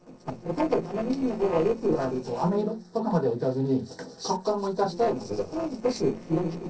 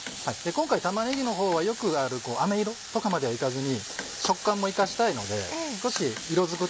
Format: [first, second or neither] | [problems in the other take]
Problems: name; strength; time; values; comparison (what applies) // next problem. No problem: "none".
second | noise reduction (neural separator model SepFormer DNS4)